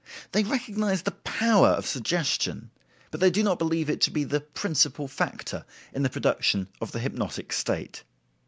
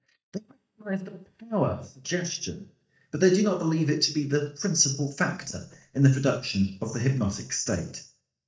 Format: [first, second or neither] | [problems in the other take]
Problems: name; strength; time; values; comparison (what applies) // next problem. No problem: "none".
first | noise reduction (neural mask model DeepFilterNet 3)